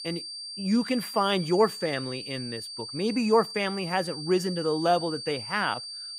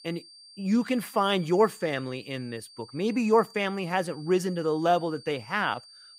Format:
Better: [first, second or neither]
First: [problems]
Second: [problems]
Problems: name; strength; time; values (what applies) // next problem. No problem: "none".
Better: second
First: high-pitched whine; loud; throughout; 4.5 kHz, 9 dB below the speech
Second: high-pitched whine; faint; throughout; 4.5 kHz, 20 dB below the speech